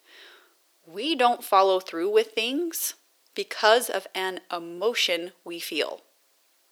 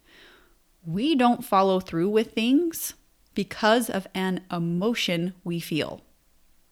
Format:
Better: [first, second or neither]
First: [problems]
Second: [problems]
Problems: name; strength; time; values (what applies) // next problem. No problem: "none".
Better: second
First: thin; very; fading below 400 Hz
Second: none